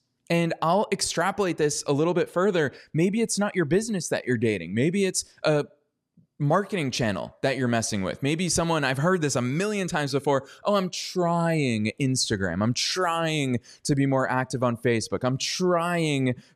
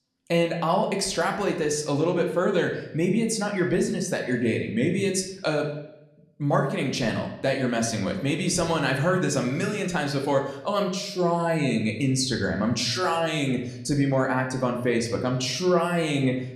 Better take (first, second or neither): first